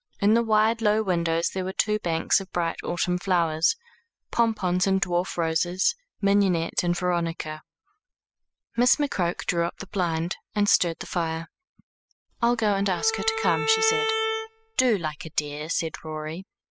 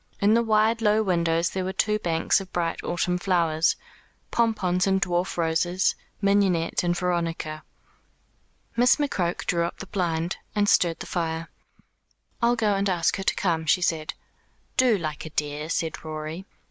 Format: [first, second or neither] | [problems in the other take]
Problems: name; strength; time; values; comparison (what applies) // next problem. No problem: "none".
second | noise reduction (classical method spectral subtraction)